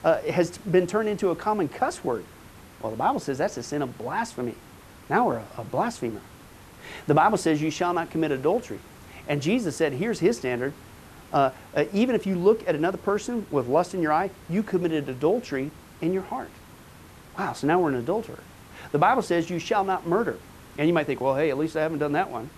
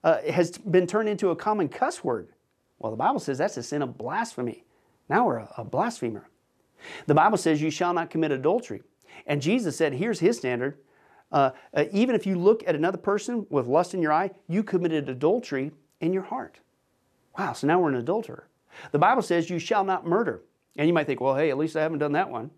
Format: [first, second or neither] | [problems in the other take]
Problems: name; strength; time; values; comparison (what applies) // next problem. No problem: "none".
second | hiss; faint; throughout; 20 dB below the speech